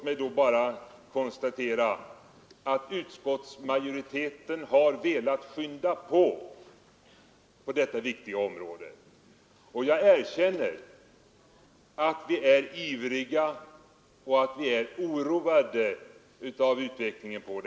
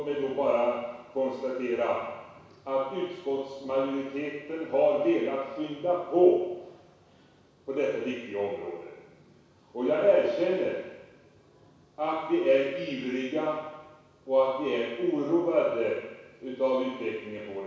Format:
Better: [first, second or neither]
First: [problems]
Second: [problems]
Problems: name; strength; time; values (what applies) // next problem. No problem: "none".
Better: first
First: none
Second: room echo; dies away in 1.1 s